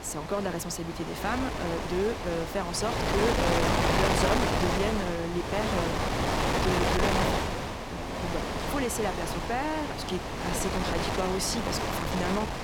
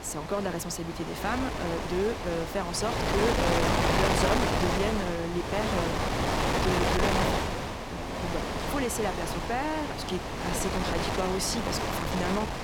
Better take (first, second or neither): neither